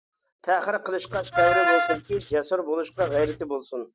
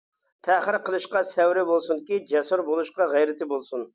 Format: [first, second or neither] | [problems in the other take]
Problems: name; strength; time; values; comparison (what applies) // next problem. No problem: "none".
second | noise reduction (neural mask model RNNoise)